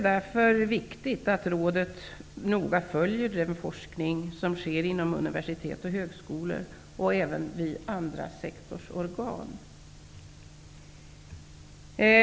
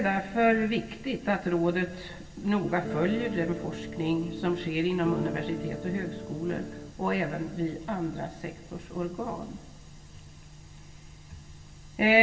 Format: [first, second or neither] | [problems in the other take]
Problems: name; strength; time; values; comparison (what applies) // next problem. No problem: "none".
first | background sound (Electric guitar / Strum); 8 dB below the speech // room echo; dies away in 1.8 s